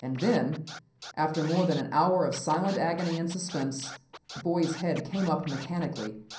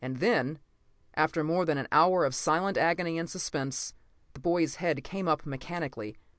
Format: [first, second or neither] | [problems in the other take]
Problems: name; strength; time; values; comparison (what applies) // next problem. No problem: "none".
second | background sound (Scratching (performance technique)); 16 dB below the speech // room echo; dies away in 0.6 s